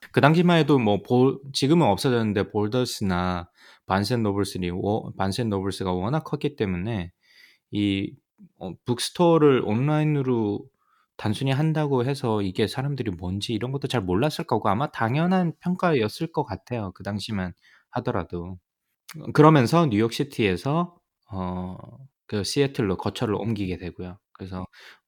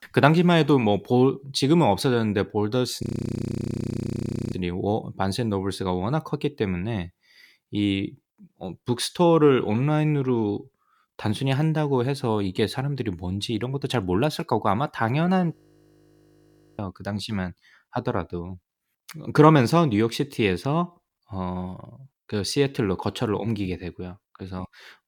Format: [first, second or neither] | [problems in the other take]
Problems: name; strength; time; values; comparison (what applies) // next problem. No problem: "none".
first | audio freezing; at 3 s for 1.5 s and at 16 s for 1 s